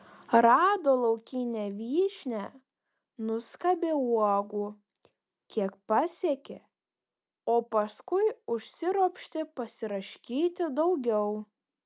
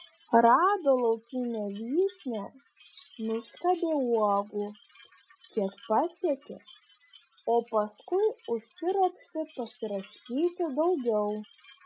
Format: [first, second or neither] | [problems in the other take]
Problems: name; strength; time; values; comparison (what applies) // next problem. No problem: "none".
first | noise reduction (classical method Wiener filter)